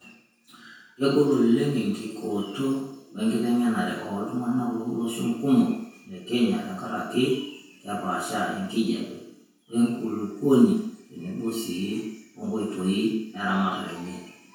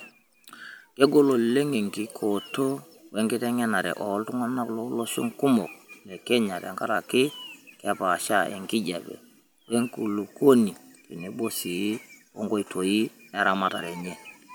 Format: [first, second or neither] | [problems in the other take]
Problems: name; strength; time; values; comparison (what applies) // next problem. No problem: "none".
second | room echo; dies away in 0.6 s